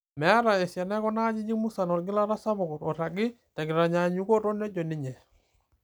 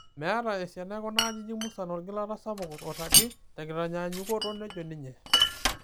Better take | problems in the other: first | background sound (Cutlery, silverware + Glass); 3 dB above the speech

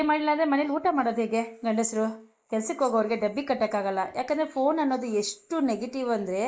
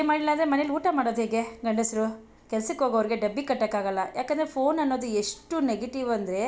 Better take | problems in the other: second | noise reduction (neural mask model Resemble Enhance denoiser)

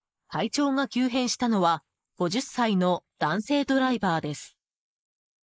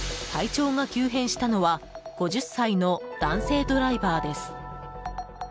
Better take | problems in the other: second | noise reduction (neural mask model Resemble Enhance denoiser)

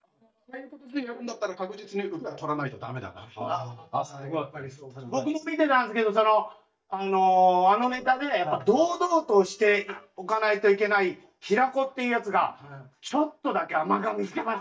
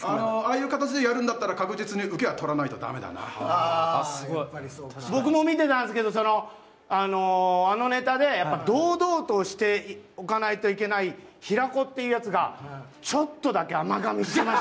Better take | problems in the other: second | noise reduction (neural mask model DeepFilterNet 3)

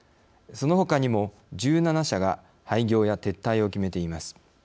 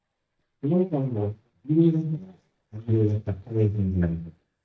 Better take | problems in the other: first | noise reduction (neural mask model DeepFilterNet 3)

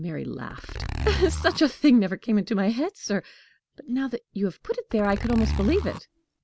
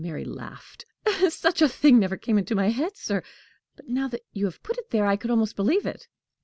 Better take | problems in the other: second | background sound (Zipper (clothing)); 5 dB below the speech

